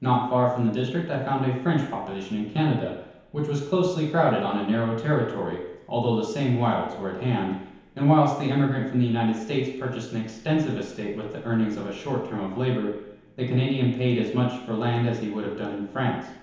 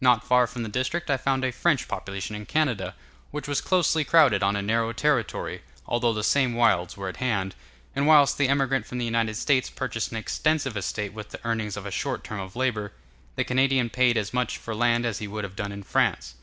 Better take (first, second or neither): second